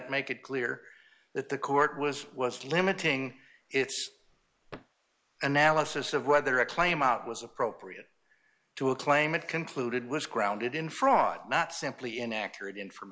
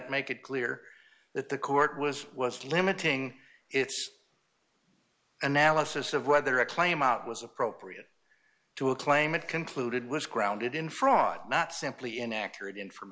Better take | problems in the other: second | noise reduction (neural mask model Resemble Enhance denoiser)

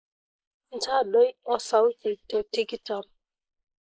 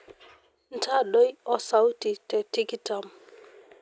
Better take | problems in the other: second | noise reduction (neural mask model Resemble Enhance denoiser)

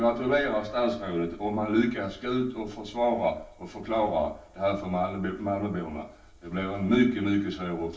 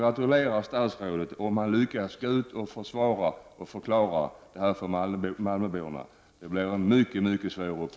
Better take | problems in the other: second | room echo; dies away in 0.3 s

